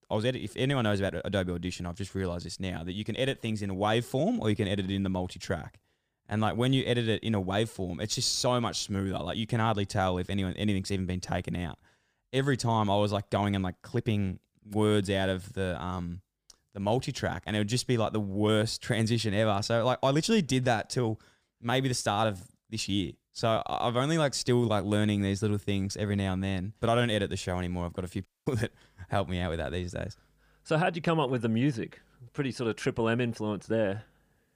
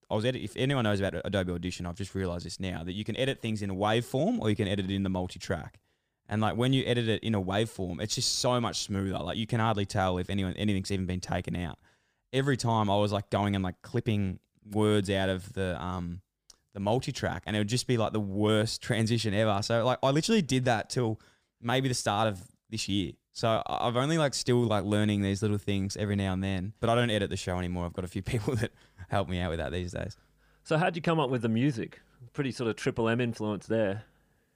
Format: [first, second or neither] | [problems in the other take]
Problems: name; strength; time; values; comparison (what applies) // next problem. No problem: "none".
second | audio cutting out; at 28 s